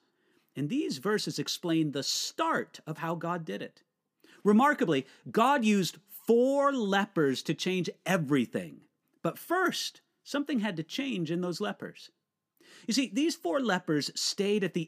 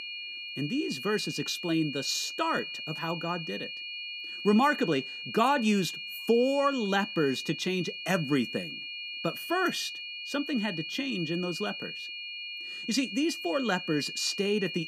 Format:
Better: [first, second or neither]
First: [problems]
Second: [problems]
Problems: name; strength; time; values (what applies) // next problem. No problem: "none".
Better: first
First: none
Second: high-pitched whine; loud; throughout; 2.5 kHz, 7 dB below the speech